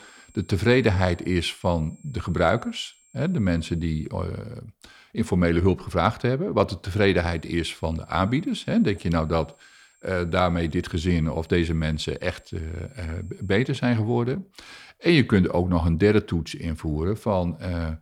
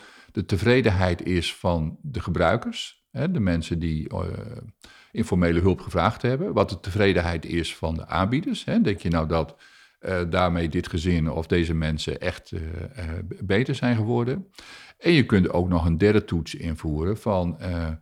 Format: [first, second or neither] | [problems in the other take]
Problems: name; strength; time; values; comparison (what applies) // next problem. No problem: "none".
second | high-pitched whine; faint; until 4 s and from 7.5 to 14 s; 7.5 kHz, 35 dB below the speech